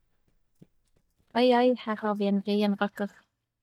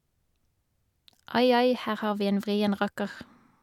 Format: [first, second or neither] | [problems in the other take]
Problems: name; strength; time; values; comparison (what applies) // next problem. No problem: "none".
second | noise reduction (neural mask model DeepFilterNet 3)